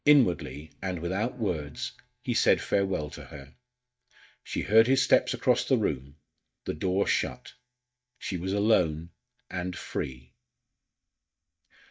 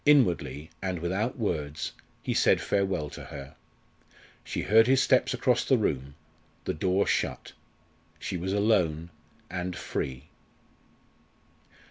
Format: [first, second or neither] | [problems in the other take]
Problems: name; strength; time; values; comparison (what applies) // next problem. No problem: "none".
second | noise reduction (neural mask model DeepFilterNet 3)